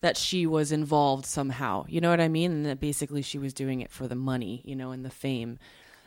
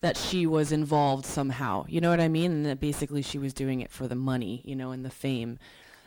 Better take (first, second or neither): first